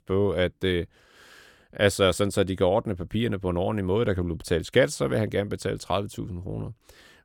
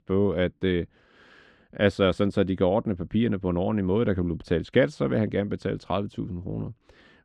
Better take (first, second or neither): first